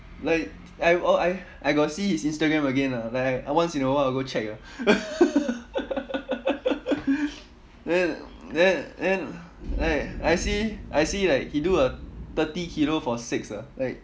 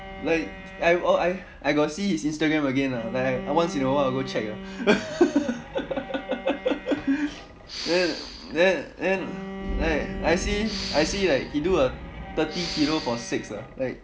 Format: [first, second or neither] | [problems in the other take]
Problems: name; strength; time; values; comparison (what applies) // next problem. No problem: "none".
first | background sound (Respiratory sounds + Bowed string instrument); 12 dB below the speech